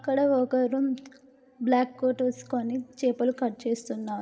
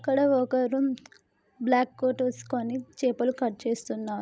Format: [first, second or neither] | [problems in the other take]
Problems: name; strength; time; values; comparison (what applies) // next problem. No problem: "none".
second | room echo; dies away in 1.3 s